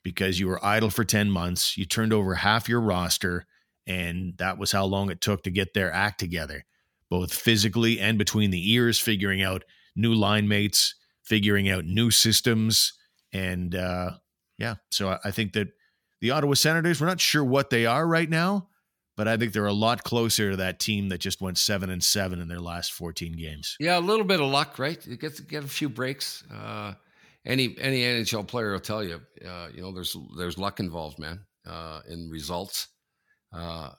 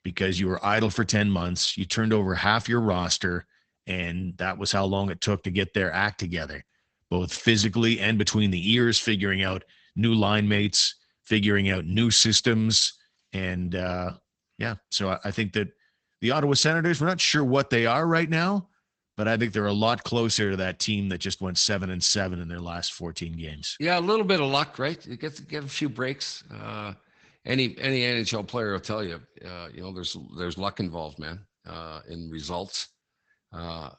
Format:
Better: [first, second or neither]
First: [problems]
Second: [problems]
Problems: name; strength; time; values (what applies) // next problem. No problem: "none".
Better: first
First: none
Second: garbled, watery; badly; nothing above 8 kHz